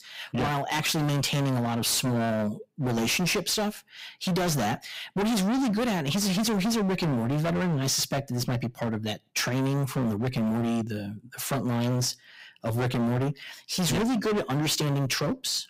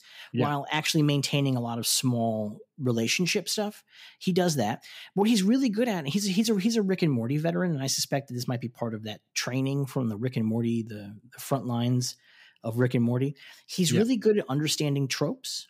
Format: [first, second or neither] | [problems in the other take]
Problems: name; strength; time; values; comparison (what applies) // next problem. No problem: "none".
second | distortion; heavy; 32% of the sound clipped